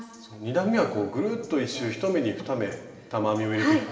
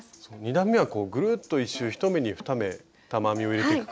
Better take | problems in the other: second | room echo; dies away in 2.3 s

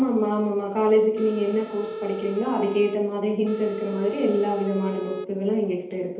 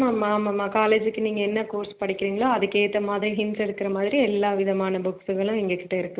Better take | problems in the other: second | background sound (Telephone); 10 dB below the speech // room echo; dies away in 2.2 s

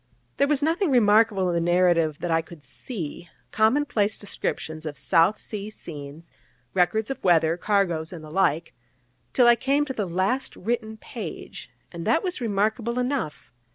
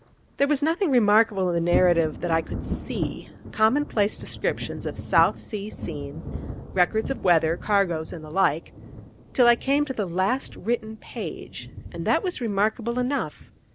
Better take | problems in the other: first | background sound (Thunder); 11 dB below the speech

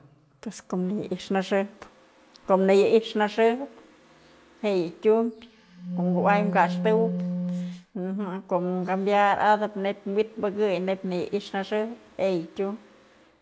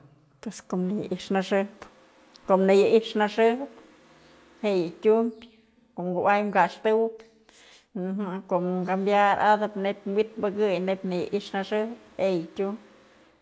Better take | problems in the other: second | background sound (Wind instrument, woodwind instrument); 5 dB below the speech

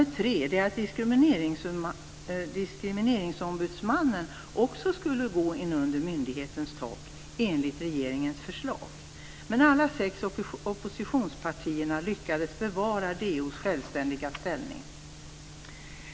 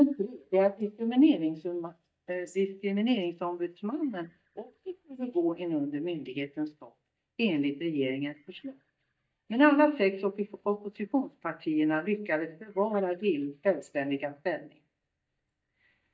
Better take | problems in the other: first | noise reduction (neural mask model DeepFilterNet 3)

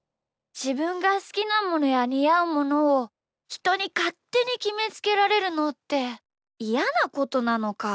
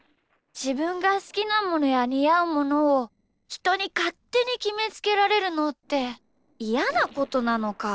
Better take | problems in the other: first | noise reduction (neural separator model SepFormer DNS4)

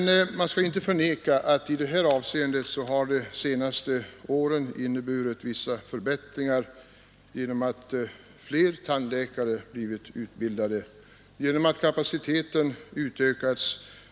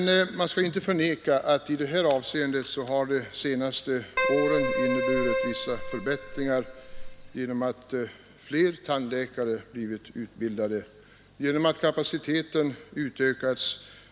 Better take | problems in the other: first | background sound (Keyboard (musical)); 1 dB below the speech

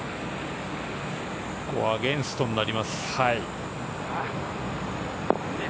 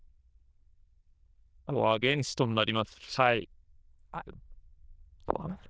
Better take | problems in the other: first | noise reduction (neural diffusion model UNIVERSE++)

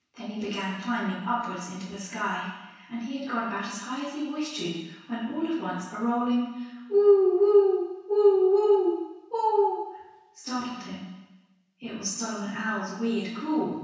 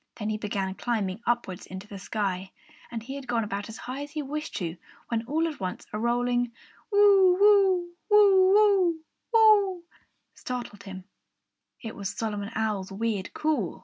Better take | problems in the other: second | room echo; dies away in 1.1 s

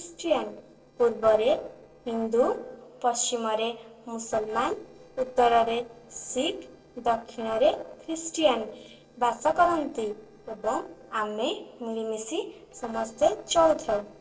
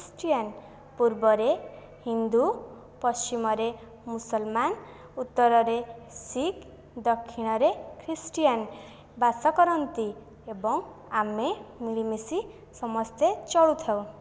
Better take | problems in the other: second | noise reduction (neural separator model SepFormer DNS4)

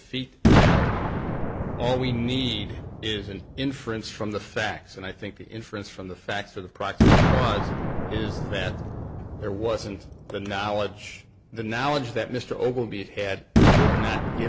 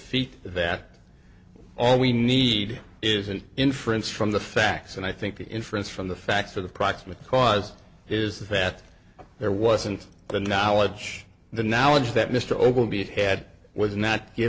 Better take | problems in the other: second | background sound (Boom); 5 dB above the speech

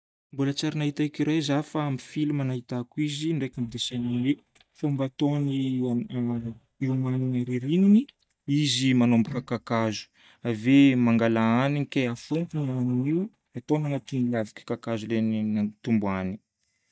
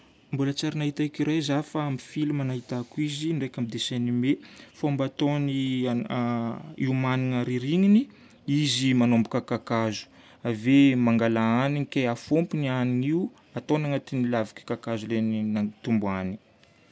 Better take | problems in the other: second | noise reduction (neural mask model DeepFilterNet 3)

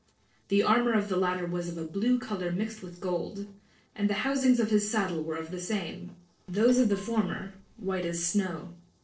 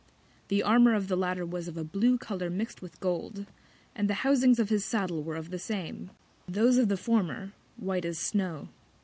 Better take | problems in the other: second | noise reduction (neural separator model SepFormer DNS4)

